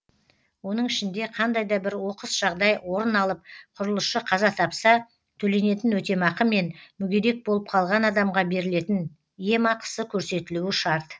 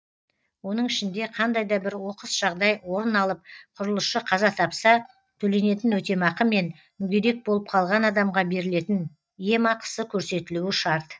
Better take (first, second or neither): first